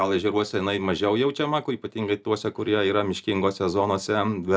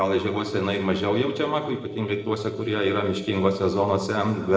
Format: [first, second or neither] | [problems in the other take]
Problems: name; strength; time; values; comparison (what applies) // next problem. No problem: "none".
first | noise reduction (neural separator model SepFormer DNS4)